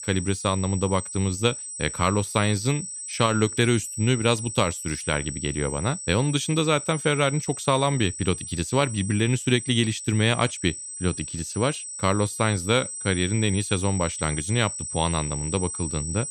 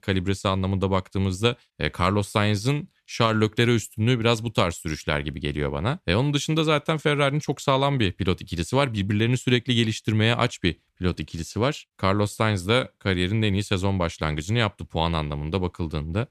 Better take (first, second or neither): second